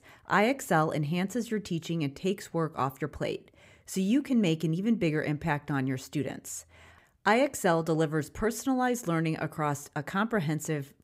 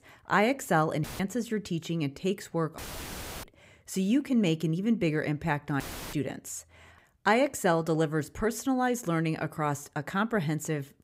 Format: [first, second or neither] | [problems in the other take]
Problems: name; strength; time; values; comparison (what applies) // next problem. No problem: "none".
first | audio cutting out; filled with static; at 1 s, at 3 s for 0.5 s and at 6 s